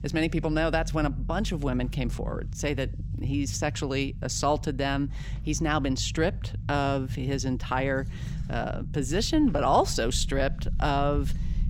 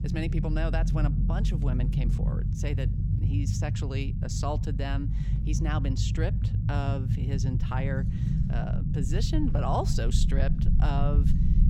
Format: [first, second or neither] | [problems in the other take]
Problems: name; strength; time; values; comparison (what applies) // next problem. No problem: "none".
first | low rumble; loud; throughout; 5 dB below the speech; faint in the first